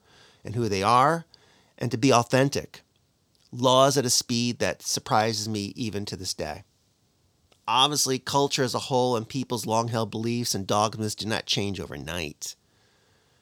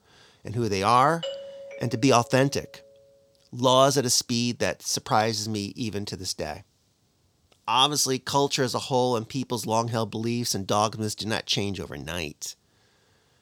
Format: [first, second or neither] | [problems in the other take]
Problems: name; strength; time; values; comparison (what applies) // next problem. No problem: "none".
first | doorbell; faint; from 1 to 2.5 s; peak 10 dB below the speech